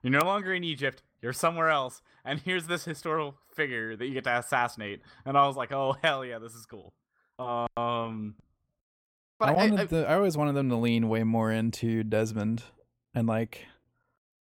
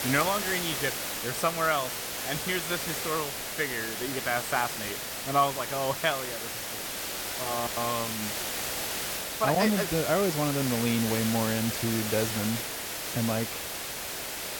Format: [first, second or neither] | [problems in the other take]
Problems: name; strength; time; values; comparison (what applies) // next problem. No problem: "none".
first | hiss; loud; throughout; 2 dB below the speech